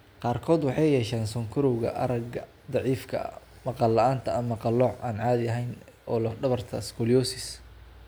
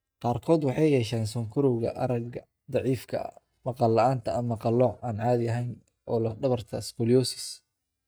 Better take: first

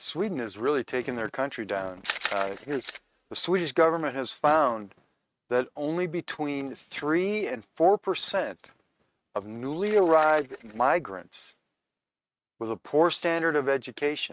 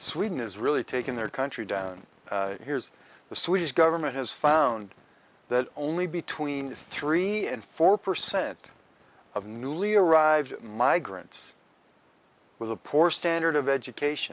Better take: second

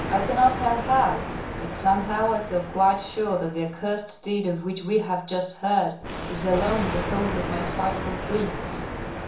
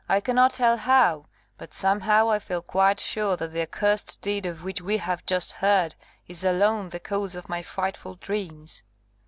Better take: second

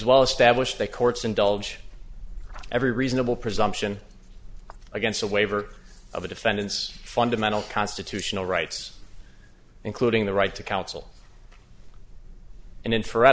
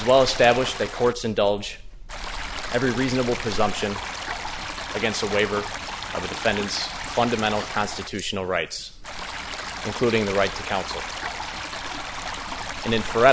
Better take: first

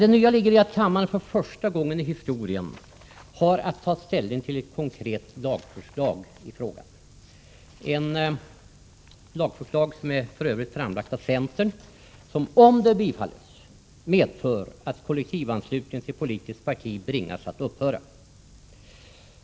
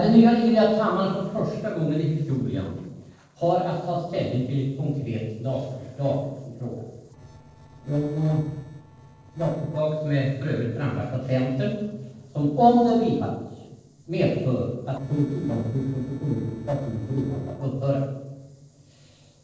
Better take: first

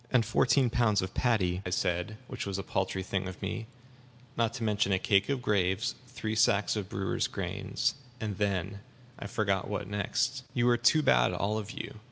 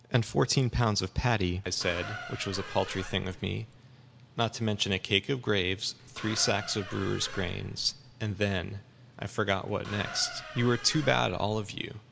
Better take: first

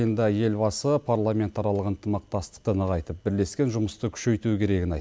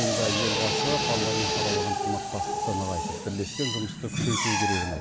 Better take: first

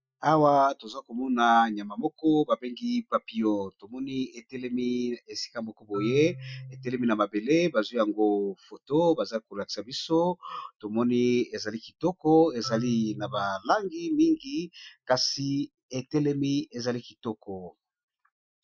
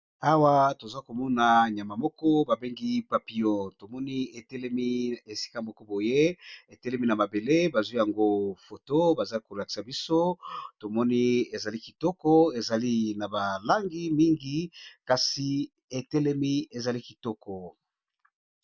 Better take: second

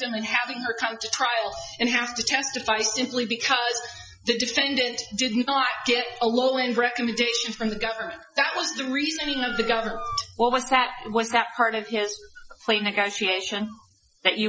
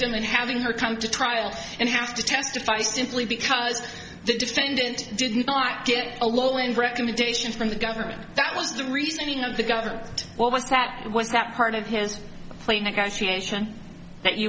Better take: second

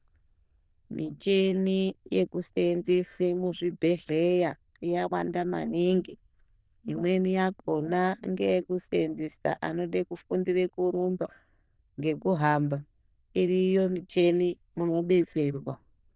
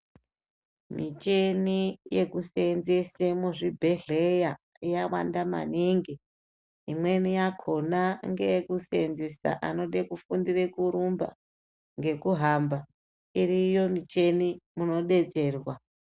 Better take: second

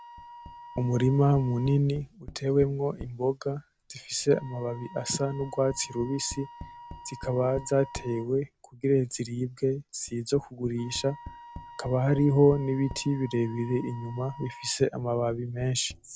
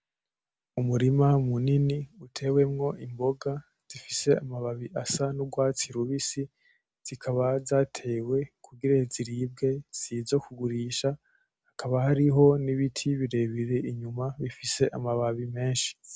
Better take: second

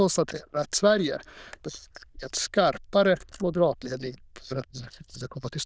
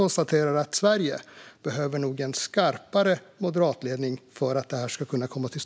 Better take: second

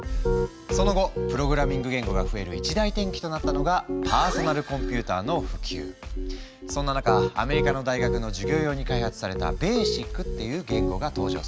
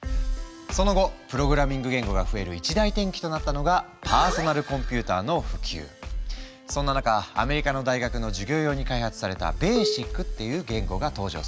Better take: second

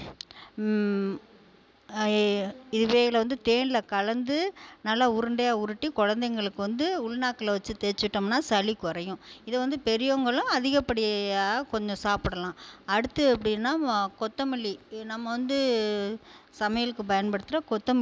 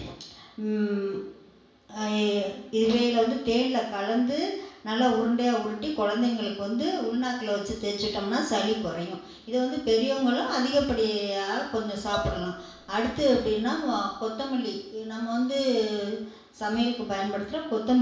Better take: first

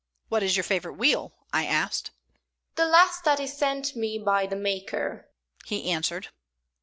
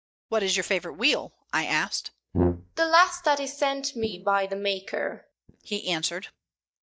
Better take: first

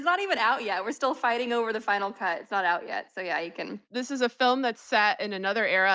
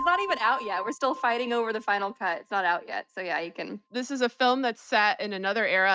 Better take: first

